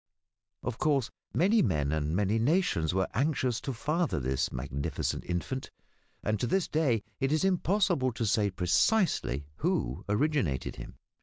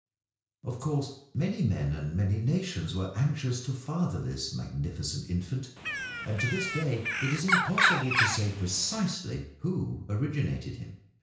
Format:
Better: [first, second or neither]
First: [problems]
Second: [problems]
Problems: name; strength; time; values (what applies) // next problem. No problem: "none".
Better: first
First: none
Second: background sound (Bird); 1 dB above the speech // room echo; dies away in 0.5 s